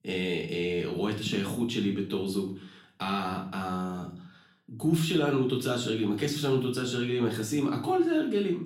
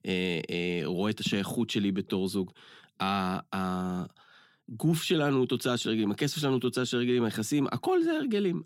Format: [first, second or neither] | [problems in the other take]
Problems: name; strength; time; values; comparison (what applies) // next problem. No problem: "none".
second | room echo; slight; dies away in 0.4 s // off-mic speech; somewhat distant